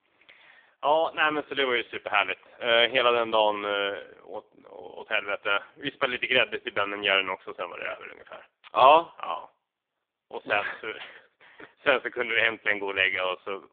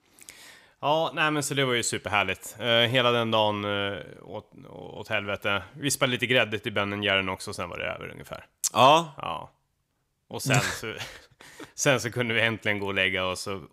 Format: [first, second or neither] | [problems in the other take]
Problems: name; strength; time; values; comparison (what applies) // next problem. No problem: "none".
second | phone-call audio; poor line; nothing above 3.5 kHz